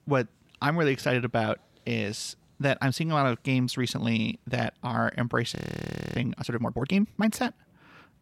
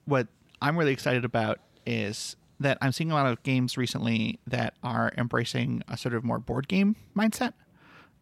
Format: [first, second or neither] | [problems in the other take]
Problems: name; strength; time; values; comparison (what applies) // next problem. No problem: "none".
second | audio freezing; at 5.5 s for 0.5 s